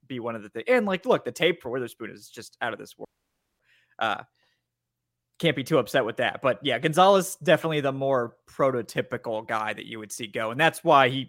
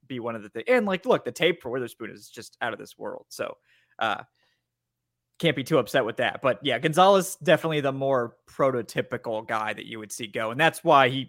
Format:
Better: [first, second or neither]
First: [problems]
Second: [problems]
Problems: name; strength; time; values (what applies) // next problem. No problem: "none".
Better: second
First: audio cutting out; at 3 s for 0.5 s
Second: none